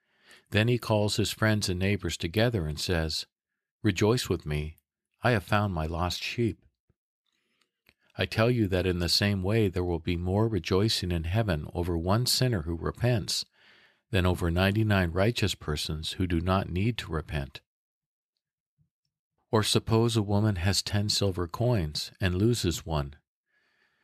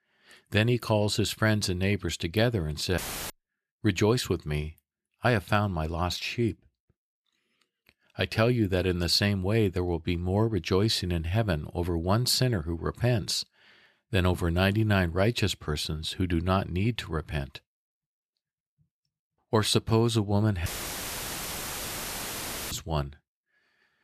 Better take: first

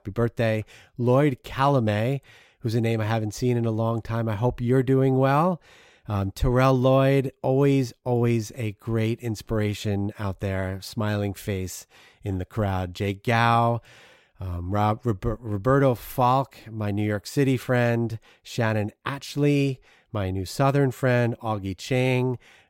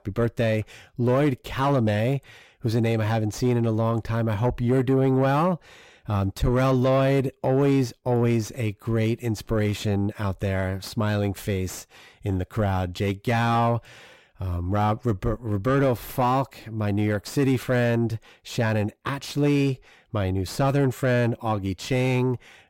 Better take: first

